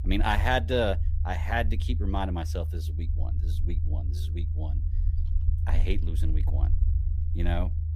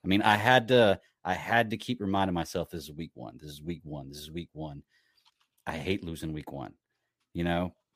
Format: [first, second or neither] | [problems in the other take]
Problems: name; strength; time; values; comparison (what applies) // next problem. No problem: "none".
second | low rumble; noticeable; throughout; 15 dB below the speech